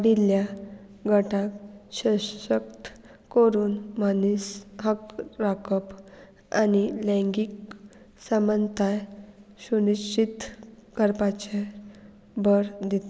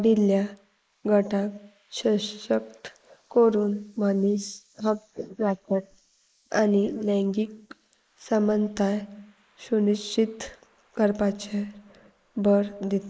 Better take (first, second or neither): first